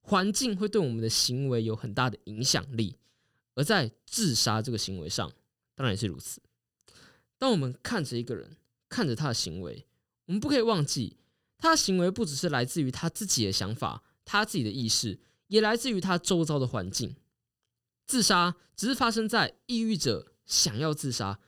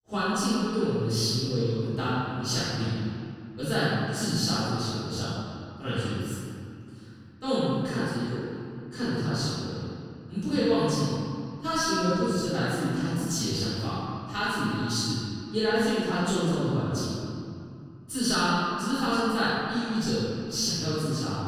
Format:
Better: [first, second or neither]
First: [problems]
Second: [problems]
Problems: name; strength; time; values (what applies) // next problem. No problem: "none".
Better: first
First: none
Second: off-mic speech; far // room echo; strong; dies away in 2.4 s